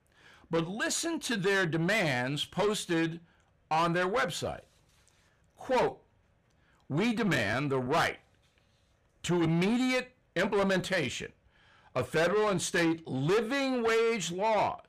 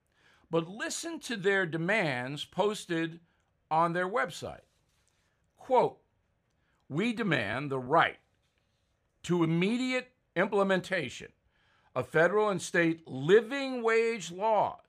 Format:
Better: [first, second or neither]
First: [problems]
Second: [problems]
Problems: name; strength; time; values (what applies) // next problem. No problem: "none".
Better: second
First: distortion; heavy; 7 dB below the speech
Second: none